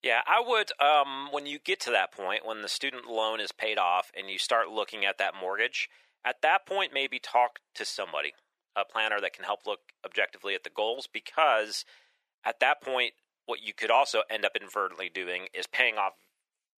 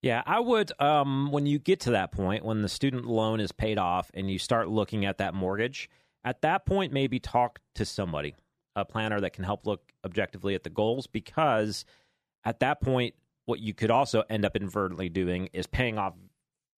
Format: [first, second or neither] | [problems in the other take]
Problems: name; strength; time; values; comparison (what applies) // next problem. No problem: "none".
second | thin; very; fading below 550 Hz